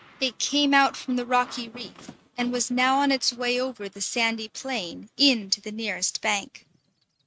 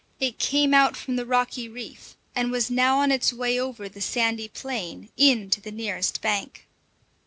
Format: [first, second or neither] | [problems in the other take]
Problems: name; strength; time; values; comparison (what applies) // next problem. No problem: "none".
second | noise reduction (neural mask model RNNoise)